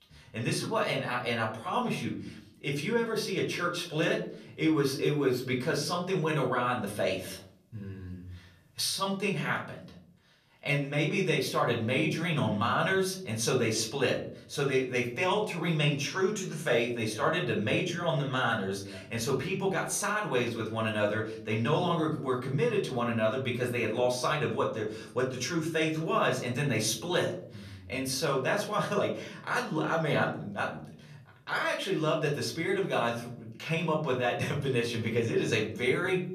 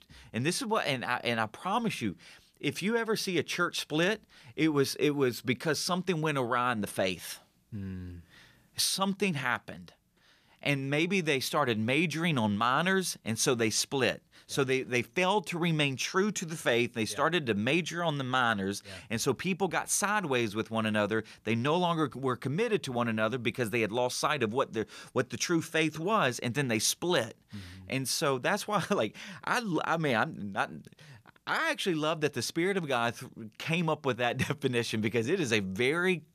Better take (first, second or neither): second